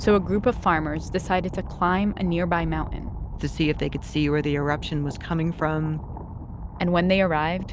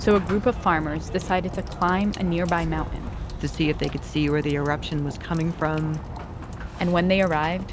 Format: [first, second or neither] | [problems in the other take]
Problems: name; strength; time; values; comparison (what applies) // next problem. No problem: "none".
first | background sound (Sink (filling or washing) / Water tap, faucet / Water); 17 dB below the speech